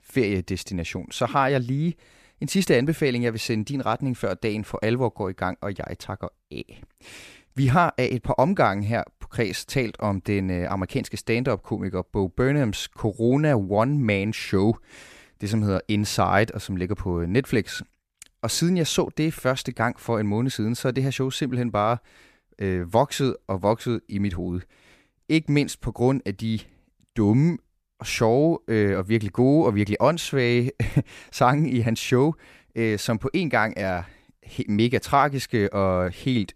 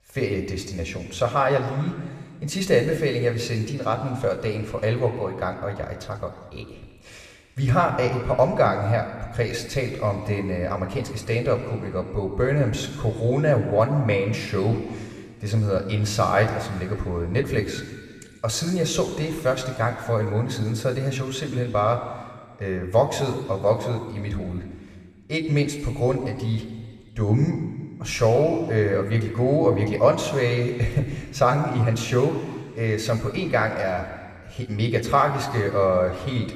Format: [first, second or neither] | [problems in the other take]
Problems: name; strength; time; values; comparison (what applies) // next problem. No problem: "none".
first | room echo; slight; dies away in 1.9 s